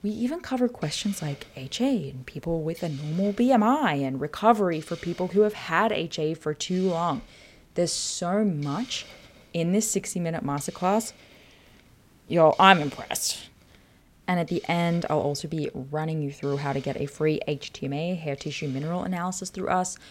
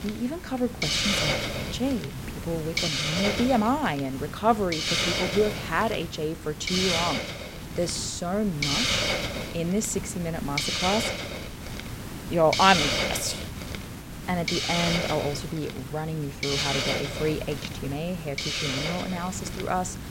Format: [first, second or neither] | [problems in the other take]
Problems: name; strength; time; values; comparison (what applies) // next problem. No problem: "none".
first | hiss; loud; throughout; 1 dB below the speech; faint in the first